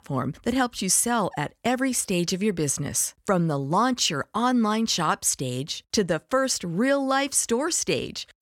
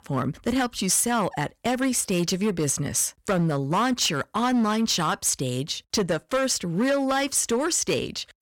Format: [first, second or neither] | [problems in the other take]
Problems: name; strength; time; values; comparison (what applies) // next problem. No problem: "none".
first | distortion; slight; 9% of the sound clipped